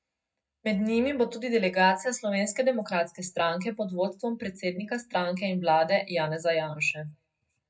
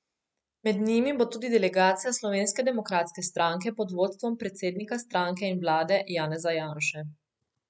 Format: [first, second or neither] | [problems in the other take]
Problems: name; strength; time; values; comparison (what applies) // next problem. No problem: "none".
second | room echo; dies away in 0.3 s